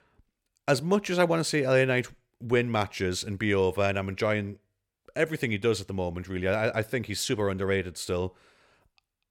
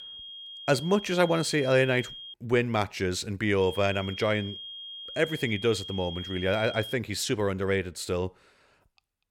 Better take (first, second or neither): first